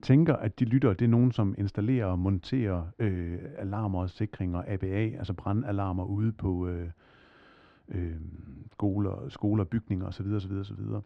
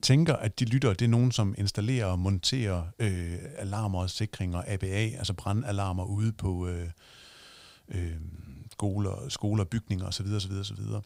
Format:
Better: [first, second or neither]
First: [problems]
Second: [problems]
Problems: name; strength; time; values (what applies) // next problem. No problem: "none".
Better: second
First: muffled; very; fading above 1.5 kHz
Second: none